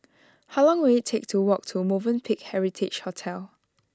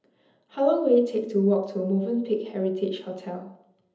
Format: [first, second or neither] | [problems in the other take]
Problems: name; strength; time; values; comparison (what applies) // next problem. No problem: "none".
first | room echo; dies away in 0.7 s